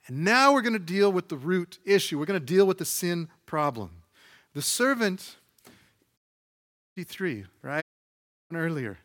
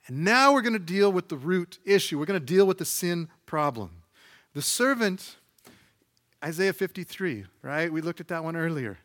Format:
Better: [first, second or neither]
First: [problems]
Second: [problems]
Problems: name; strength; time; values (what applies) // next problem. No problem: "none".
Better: second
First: audio cutting out; at 6 s for 1 s and at 8 s for 0.5 s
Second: none